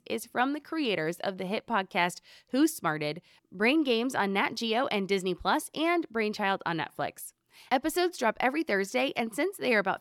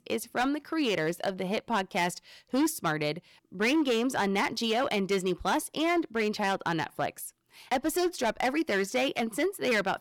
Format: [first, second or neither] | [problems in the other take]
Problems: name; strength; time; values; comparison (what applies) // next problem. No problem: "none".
first | distortion; slight; 8% of the sound clipped